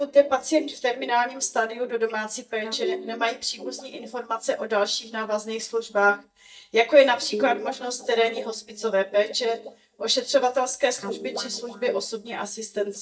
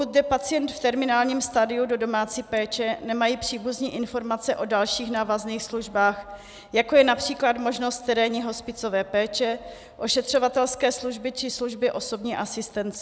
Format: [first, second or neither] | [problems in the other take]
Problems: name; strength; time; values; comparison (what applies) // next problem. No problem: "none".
second | noise reduction (neural mask model DeepFilterNet 3)